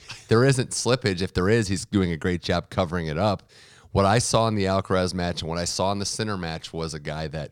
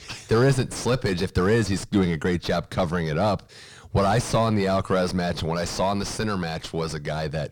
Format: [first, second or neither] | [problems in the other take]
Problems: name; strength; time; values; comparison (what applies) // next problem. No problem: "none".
first | distortion; heavy; 4 dB below the speech